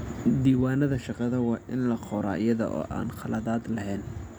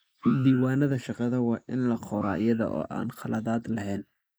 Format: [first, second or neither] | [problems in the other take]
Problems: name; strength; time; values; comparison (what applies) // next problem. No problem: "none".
first | noise reduction (neural mask model Resemble Enhance denoiser)